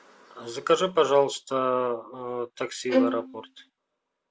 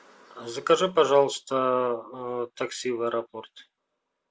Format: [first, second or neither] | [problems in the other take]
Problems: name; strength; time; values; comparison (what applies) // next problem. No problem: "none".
second | background sound (Bowed string instrument); 1 dB above the speech